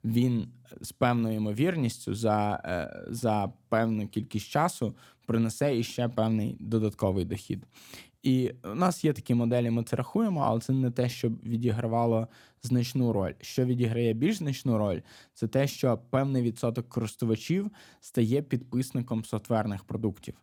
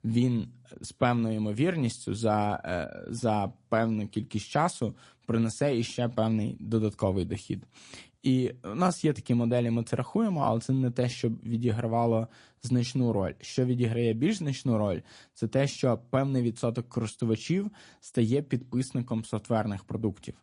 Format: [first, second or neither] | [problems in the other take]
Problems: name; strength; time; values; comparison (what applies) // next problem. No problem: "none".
first | garbled, watery; slightly; nothing above 10.5 kHz